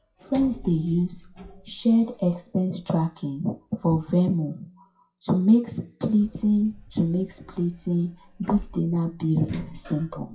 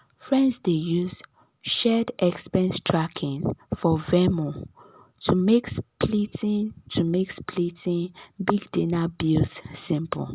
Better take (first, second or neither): second